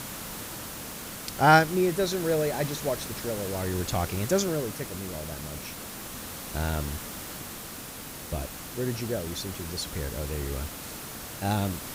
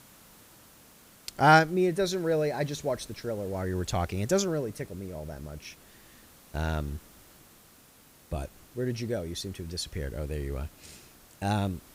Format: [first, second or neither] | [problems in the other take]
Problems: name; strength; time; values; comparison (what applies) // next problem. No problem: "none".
second | hiss; loud; throughout; 8 dB below the speech; faint in the second